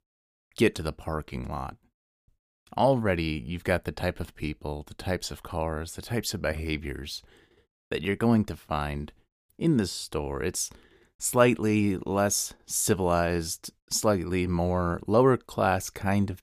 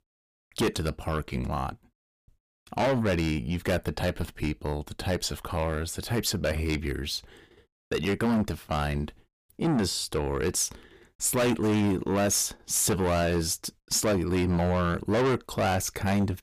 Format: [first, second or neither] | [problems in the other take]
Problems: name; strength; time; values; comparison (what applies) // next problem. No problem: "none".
first | distortion; heavy; 5 dB below the speech